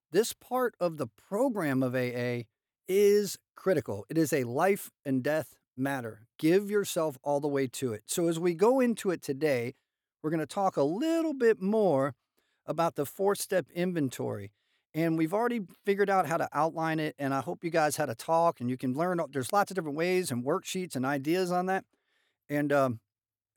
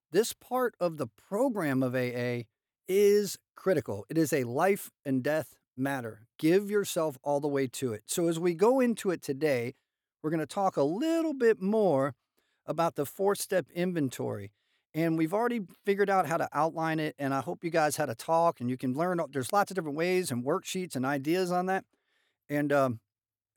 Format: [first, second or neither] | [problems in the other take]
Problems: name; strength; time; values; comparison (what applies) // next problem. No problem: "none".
neither | none